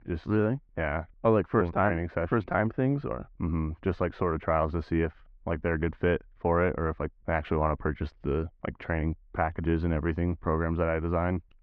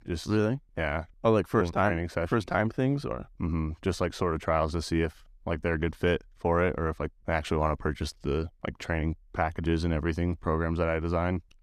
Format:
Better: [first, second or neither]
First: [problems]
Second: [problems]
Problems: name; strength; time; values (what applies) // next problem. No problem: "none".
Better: second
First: muffled; very; fading above 2 kHz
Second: none